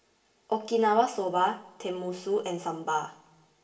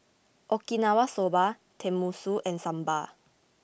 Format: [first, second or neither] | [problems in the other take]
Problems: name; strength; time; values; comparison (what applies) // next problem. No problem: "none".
second | room echo; dies away in 0.7 s